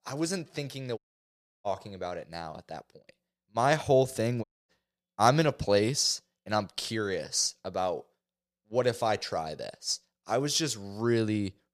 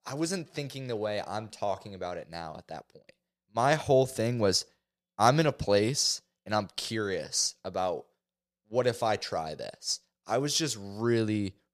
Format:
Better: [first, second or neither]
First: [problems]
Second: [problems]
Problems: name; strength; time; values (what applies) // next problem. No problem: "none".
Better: second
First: audio cutting out; at 1 s for 0.5 s and at 4.5 s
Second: none